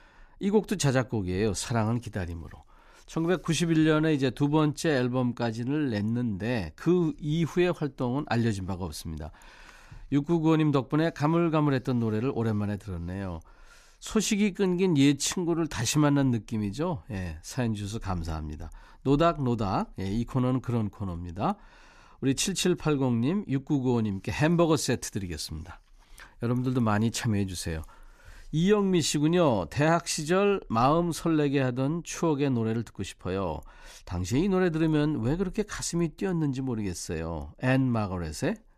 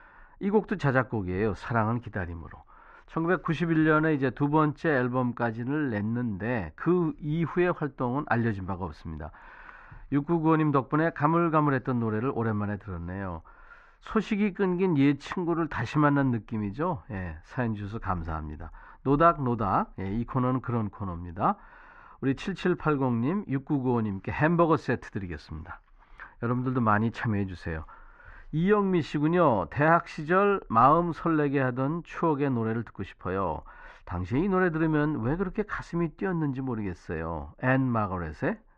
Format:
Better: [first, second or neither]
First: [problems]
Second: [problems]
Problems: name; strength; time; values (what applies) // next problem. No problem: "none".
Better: first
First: none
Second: muffled; very; fading above 2 kHz